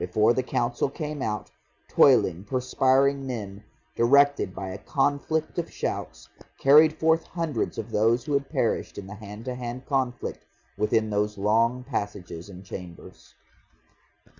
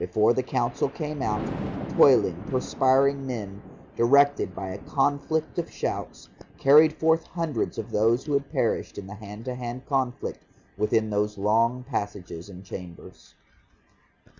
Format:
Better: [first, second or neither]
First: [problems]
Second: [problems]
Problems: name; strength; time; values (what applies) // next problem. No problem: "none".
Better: first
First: none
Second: background sound (Thunder); 16 dB below the speech